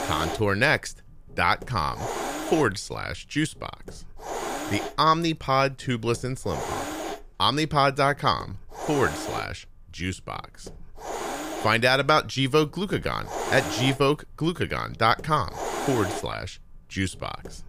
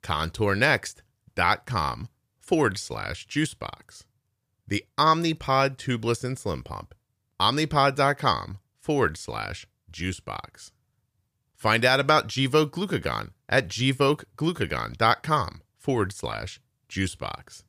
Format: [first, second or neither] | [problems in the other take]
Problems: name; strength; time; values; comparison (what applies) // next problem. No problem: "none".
second | hiss; loud; throughout; 9 dB below the speech